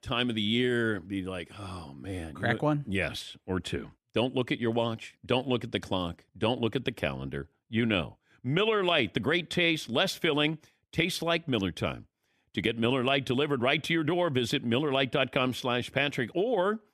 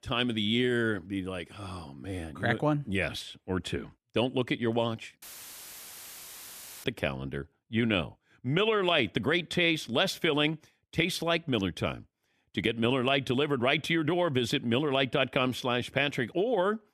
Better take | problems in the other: first | audio cutting out; filled with static; at 5 s for 1.5 s

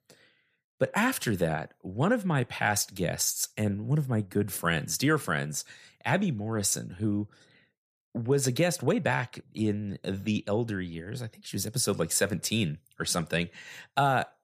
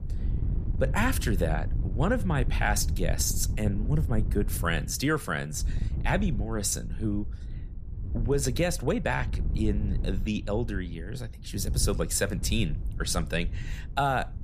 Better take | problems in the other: first | wind noise on the microphone; occasional gusts; 15 dB below the speech

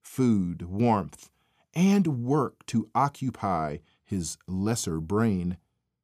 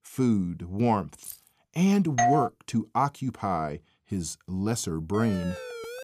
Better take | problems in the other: first | jangling keys; faint; at 1 s; peak 15 dB below the speech // doorbell; loud; at 2 s; peak 4 dB above the speech // siren; faint; at 5 s; peak 10 dB below the speech

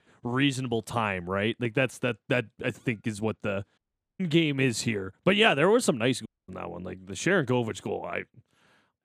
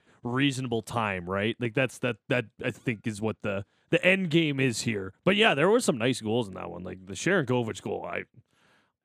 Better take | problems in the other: second | audio cutting out; at 4 s and at 6.5 s

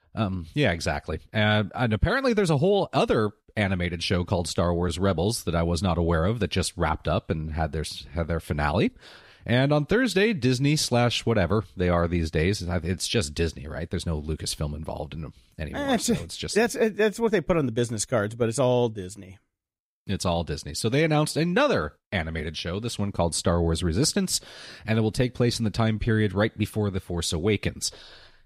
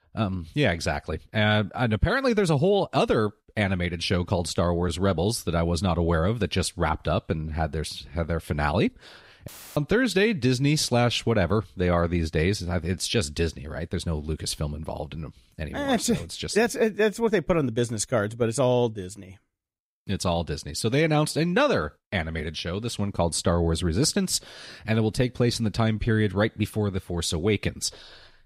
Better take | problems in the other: first | audio cutting out; filled with static; at 9.5 s

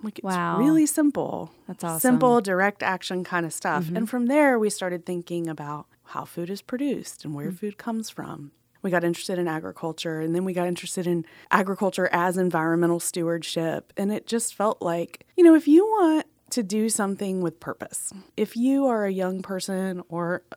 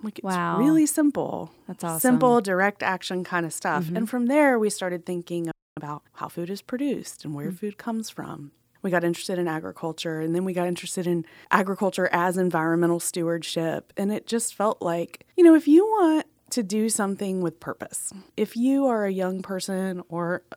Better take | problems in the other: first | audio freezing; at 5.5 s

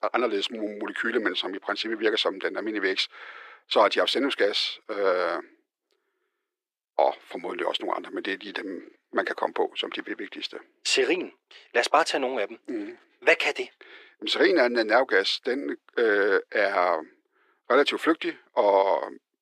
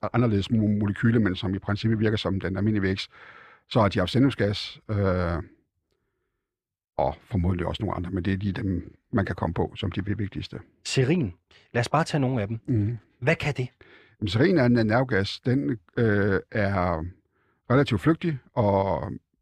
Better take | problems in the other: second | thin; very; fading below 350 Hz

